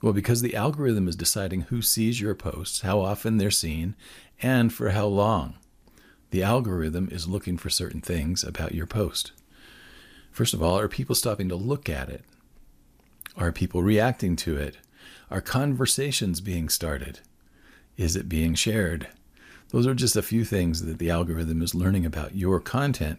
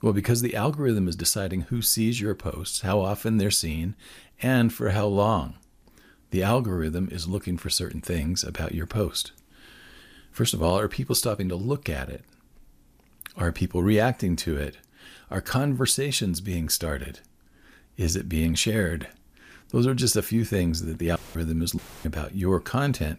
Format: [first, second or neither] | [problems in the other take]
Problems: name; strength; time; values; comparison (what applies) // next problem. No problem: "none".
first | audio cutting out; filled with static; at 21 s and at 22 s